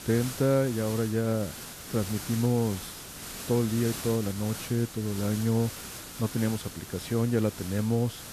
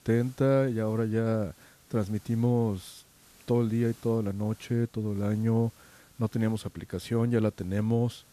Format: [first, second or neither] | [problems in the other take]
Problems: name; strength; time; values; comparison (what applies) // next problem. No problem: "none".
second | hiss; loud; throughout; 10 dB below the speech; faint in the second